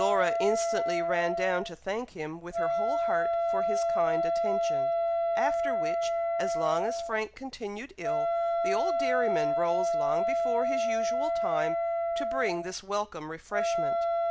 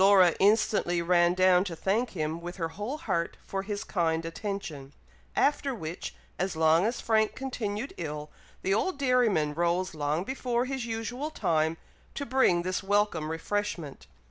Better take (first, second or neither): second